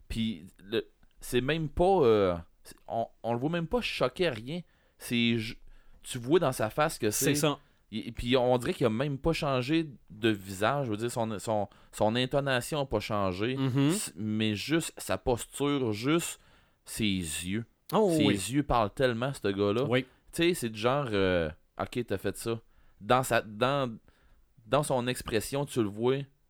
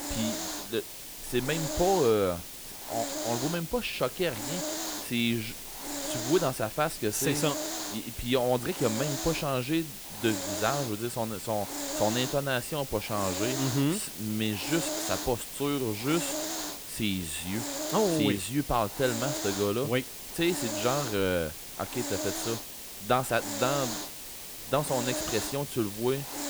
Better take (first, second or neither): first